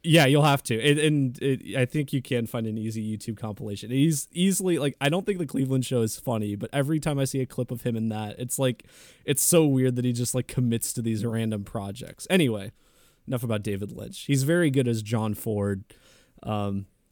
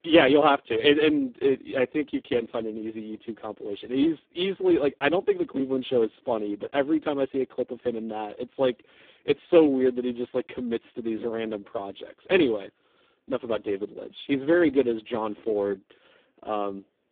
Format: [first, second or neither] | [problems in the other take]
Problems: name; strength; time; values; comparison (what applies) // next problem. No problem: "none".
first | phone-call audio; poor line